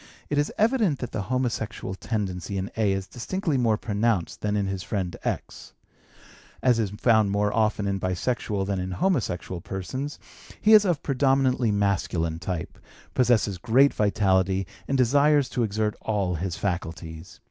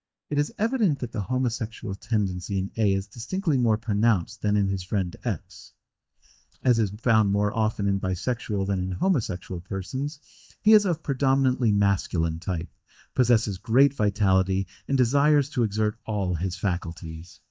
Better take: first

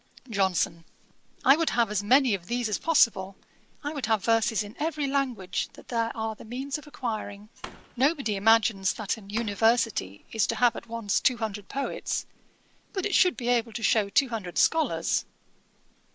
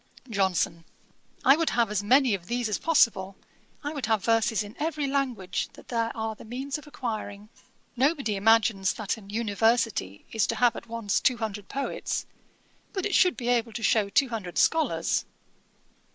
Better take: second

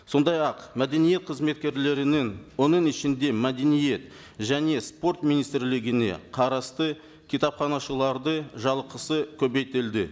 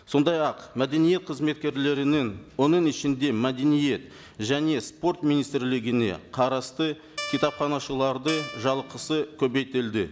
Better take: first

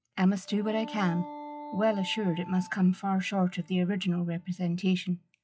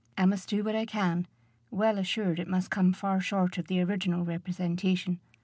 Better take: second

